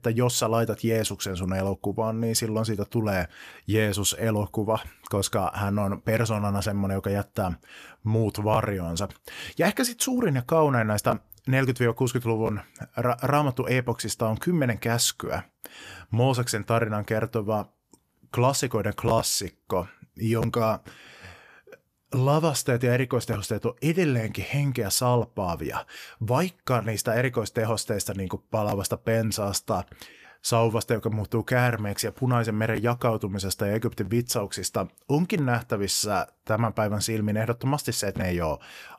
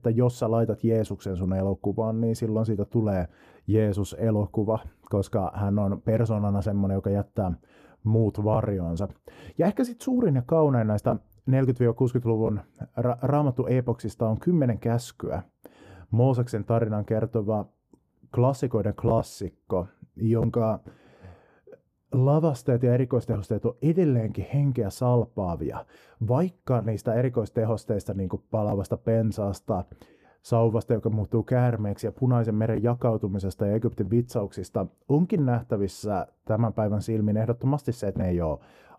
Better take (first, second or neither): first